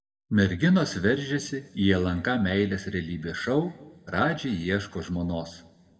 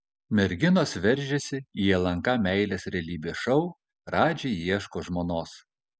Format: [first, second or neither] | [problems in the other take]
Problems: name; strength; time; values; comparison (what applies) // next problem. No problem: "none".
second | room echo; dies away in 1.1 s